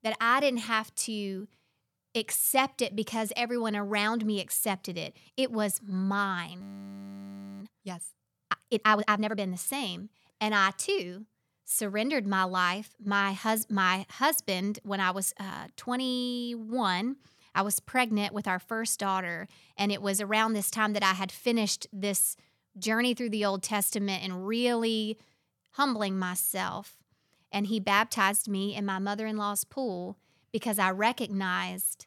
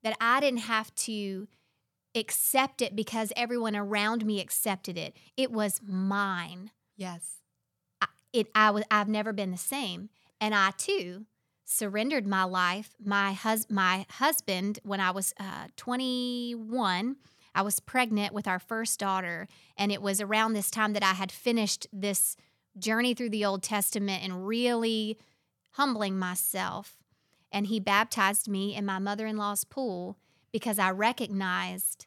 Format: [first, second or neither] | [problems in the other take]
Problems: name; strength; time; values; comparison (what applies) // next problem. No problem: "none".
second | audio freezing; at 6.5 s for 1 s